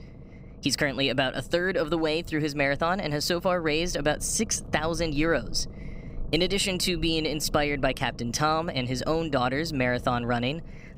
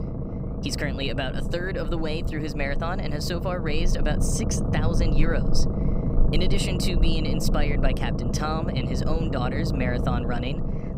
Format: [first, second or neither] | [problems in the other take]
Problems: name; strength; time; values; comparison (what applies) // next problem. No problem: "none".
first | low rumble; loud; throughout; 5 dB below the speech; faint in the first